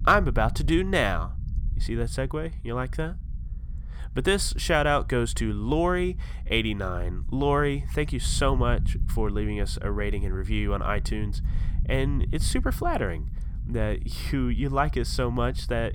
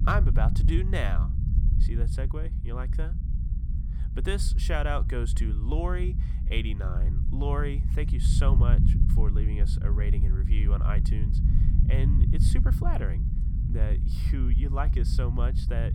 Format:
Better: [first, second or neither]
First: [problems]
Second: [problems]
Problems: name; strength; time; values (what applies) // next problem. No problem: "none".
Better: first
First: low rumble; faint; throughout; 20 dB below the speech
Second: low rumble; loud; throughout; 6 dB below the speech